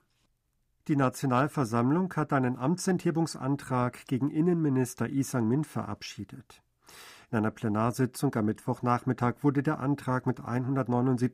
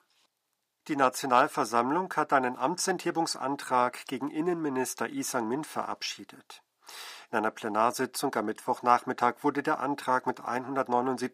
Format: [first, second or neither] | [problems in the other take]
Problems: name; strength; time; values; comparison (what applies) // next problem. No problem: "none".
first | thin; somewhat; fading below 450 Hz